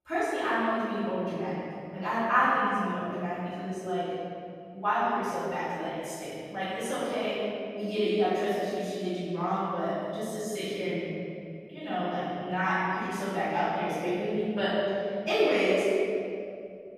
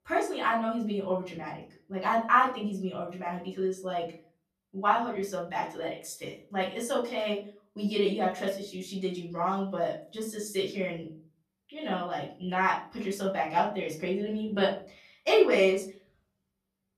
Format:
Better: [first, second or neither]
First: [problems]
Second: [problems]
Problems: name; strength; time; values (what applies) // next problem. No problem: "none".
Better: second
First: room echo; strong; dies away in 2.9 s // off-mic speech; far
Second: room echo; slight; dies away in 0.3 s // off-mic speech; far